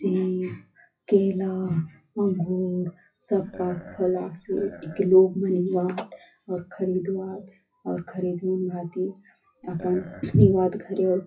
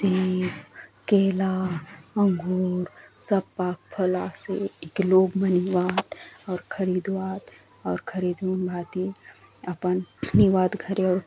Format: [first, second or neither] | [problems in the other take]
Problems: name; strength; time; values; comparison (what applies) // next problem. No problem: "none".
second | noise reduction (classical method WPE with log-MMSE)